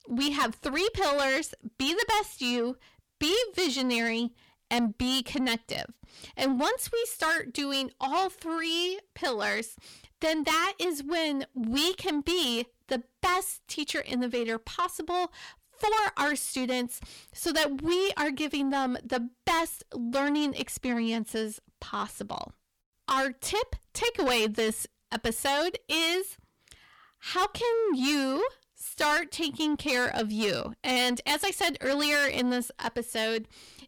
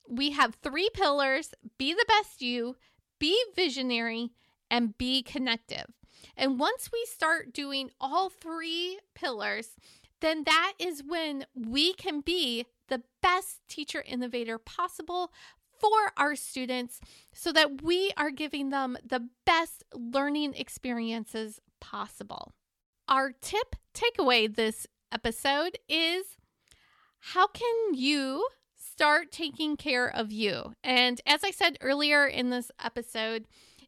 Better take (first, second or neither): second